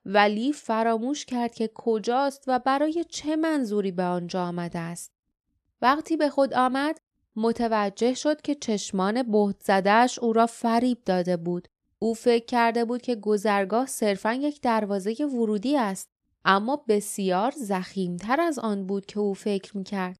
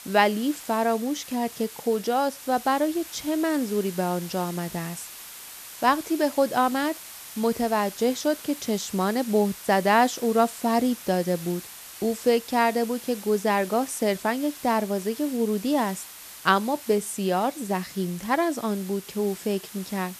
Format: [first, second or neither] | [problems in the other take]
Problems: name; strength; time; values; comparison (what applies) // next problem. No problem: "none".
first | hiss; noticeable; throughout; 15 dB below the speech